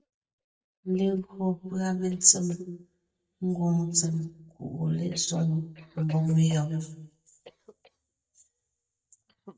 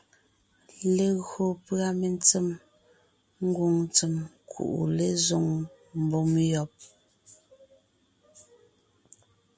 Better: second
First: noise reduction (neural mask model DeepFilterNet 3)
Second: none

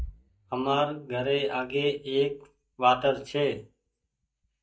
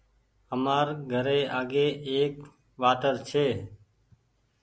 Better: second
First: noise reduction (neural mask model DeepFilterNet 3)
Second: none

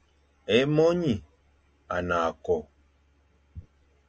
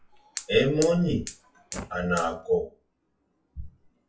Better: first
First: none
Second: noise reduction (classical method WPE with log-MMSE)

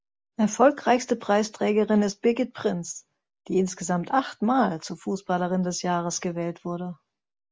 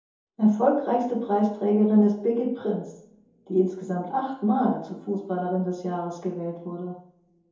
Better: first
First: none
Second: room echo; dies away in 2.7 s

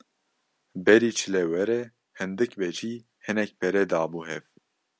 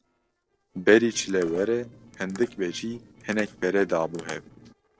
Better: first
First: none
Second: noise reduction (neural separator model SepFormer DNS4)

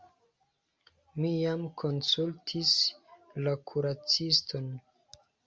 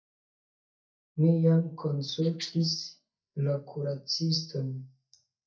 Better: first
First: none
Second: noise reduction (neural mask model DeepFilterNet 3)

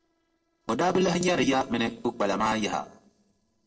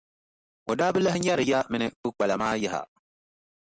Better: second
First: noise reduction (neural separator model SepFormer DNS4)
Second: none

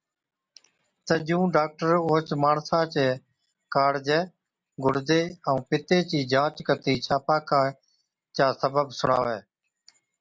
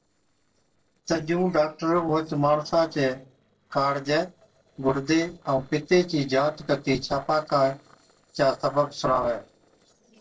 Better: first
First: none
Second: noise reduction (neural separator model SepFormer DNS4)

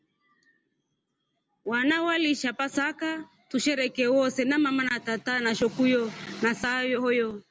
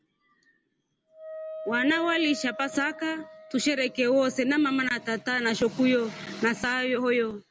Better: first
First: none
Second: background sound (Wind instrument, woodwind instrument); 17 dB below the speech

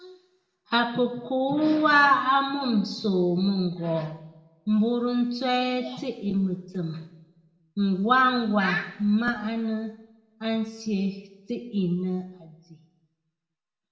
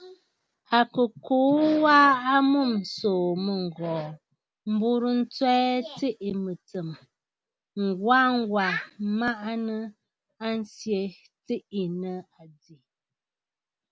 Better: second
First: room echo; dies away in 0.8 s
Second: none

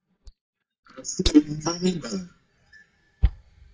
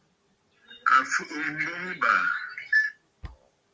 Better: second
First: noise reduction (neural mask model DeepFilterNet 3)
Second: none

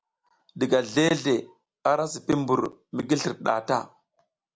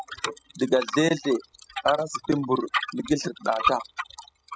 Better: first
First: none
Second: noise reduction (classical method spectral subtraction)

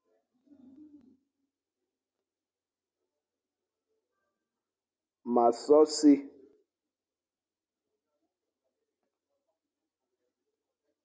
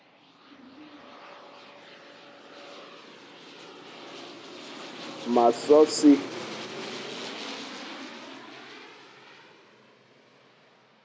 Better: first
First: none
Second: background sound (Aircraft); 12 dB below the speech

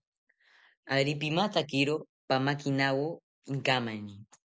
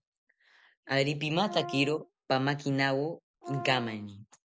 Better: first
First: none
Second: background sound (Brass instrument); 12 dB below the speech

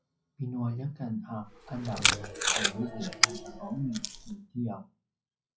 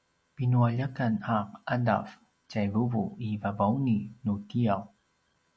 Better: second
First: noise reduction (classical method WPE with log-MMSE)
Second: none

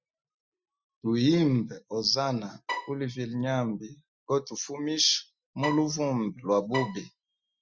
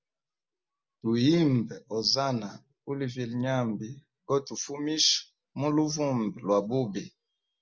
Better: second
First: noise reduction (classical method Wiener filter)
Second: none

